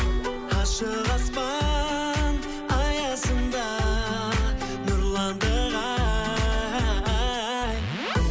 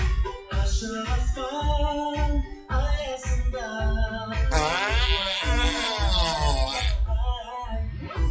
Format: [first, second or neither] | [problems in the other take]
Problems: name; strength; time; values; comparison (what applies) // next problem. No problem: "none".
first | noise reduction (classical method WPE with log-MMSE)